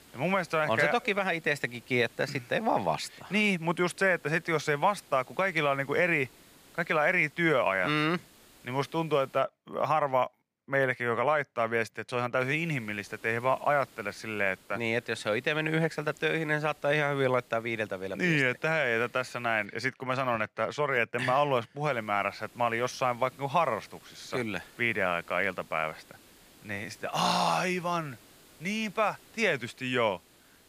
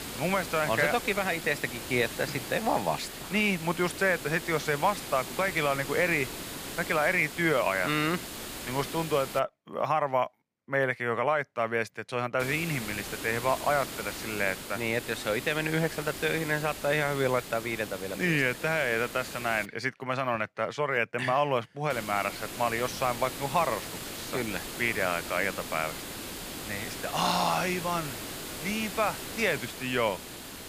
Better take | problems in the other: first | hiss; loud; until 9.5 s, from 12 to 20 s and from 22 s on; 9 dB below the speech; faint in the first

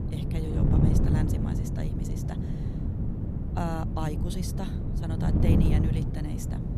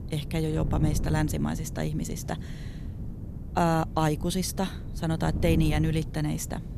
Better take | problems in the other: second | wind noise on the microphone; heavy; 2 dB above the speech; occasional gusts in the second

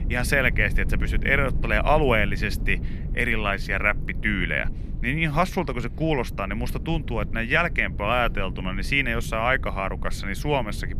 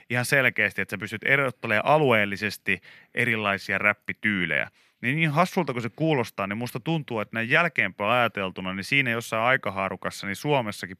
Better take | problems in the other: second | low rumble; faint; throughout; 20 dB below the speech

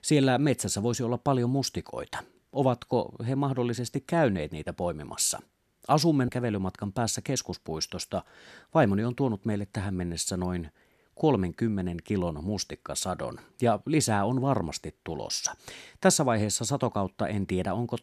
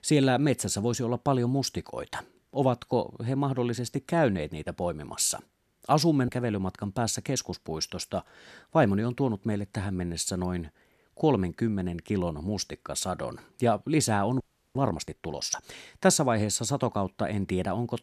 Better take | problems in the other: first | audio freezing; at 14 s

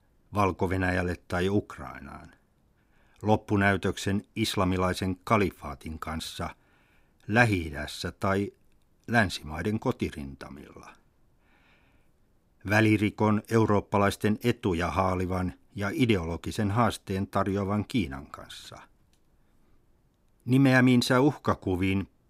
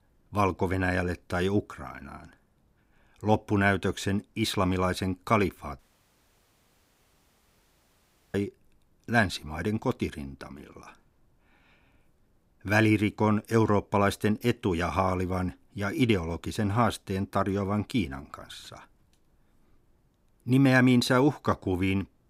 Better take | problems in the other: first | audio cutting out; at 6 s for 2.5 s

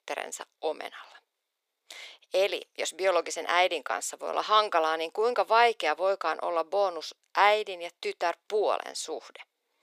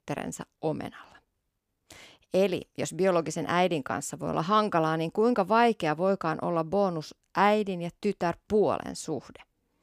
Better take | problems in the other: second | thin; very; fading below 450 Hz

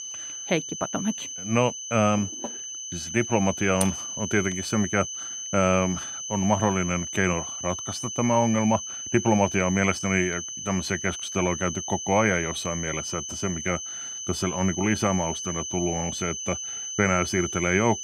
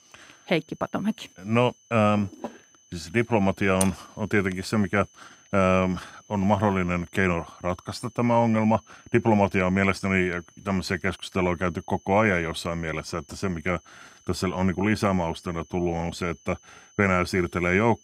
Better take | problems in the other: second | high-pitched whine; loud; throughout; 6 kHz, 6 dB below the speech; faint in the second

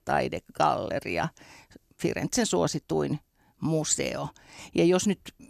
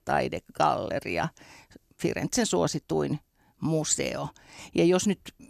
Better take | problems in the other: neither | none

